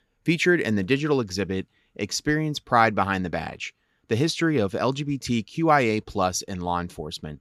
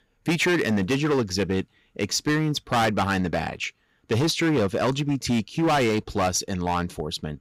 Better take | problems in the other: first | distortion; heavy; 13% of the sound clipped

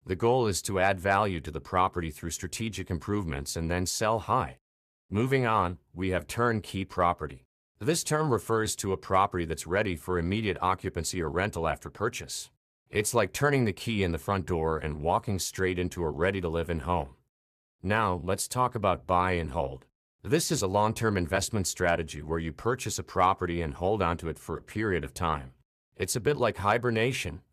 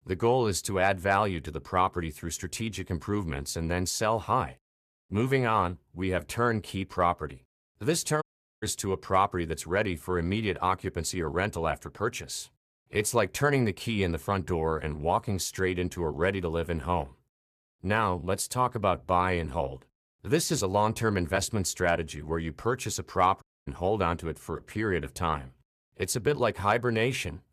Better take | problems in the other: first | audio cutting out; at 8 s and at 23 s

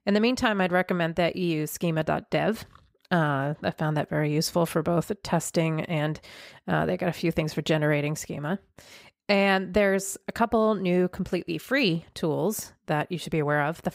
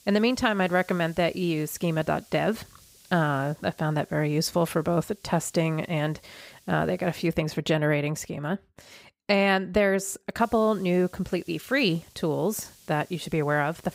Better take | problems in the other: first | hiss; faint; until 7.5 s and from 10 s on; 25 dB below the speech

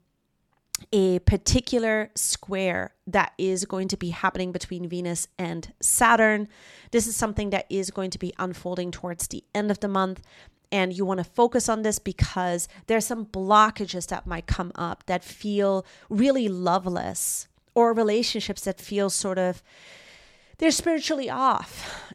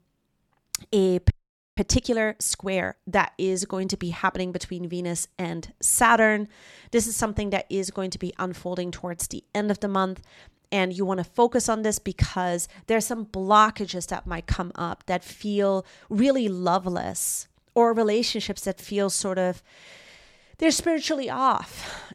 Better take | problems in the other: first | audio freezing; at 1.5 s

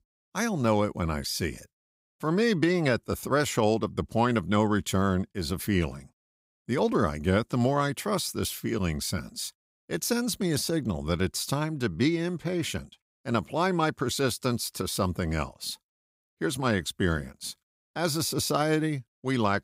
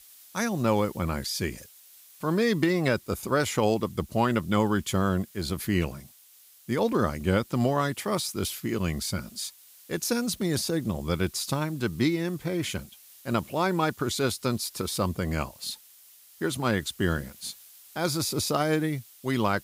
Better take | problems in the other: first | hiss; faint; throughout; 20 dB below the speech

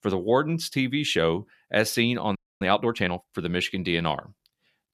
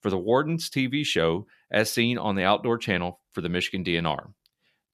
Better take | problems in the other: second | audio freezing; at 2.5 s

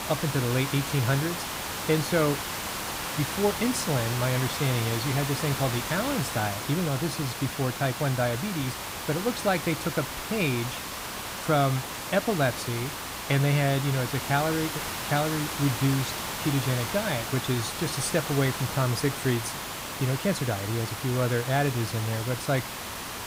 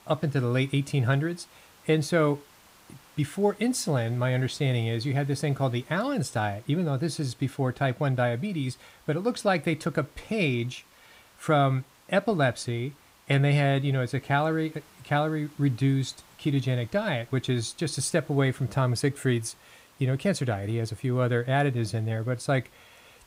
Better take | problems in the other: second | hiss; loud; throughout; 4 dB below the speech; faint in the second

